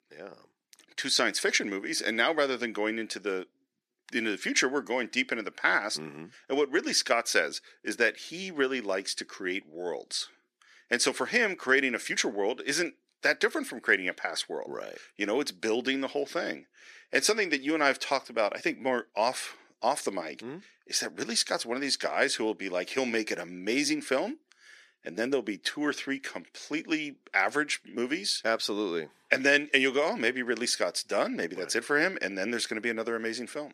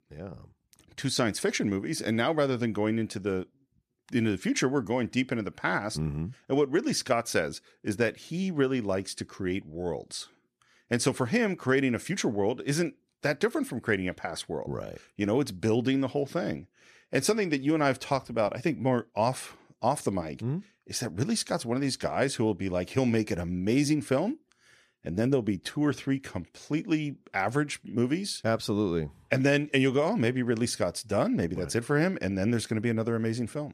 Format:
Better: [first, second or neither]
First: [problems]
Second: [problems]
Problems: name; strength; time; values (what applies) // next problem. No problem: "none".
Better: second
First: thin; somewhat; fading below 300 Hz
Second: none